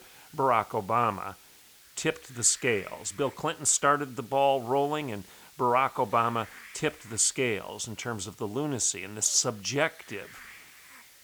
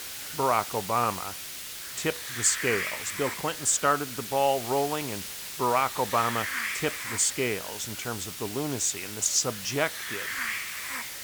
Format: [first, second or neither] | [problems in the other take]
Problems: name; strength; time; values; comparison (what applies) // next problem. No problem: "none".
first | hiss; loud; throughout; 6 dB below the speech; faint in the first